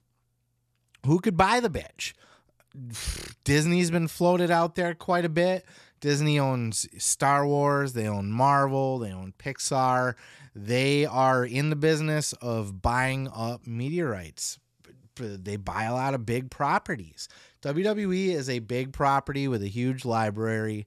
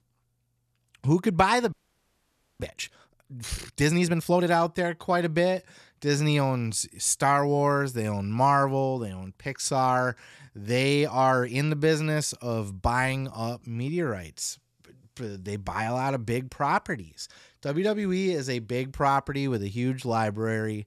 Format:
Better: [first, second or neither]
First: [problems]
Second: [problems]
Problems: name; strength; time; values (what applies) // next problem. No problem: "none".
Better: first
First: none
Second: audio freezing; at 1.5 s for 1 s